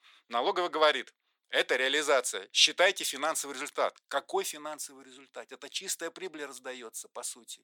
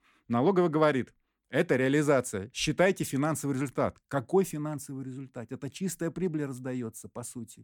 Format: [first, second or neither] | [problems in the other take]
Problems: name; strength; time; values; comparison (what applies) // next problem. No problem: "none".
second | thin; very; fading below 550 Hz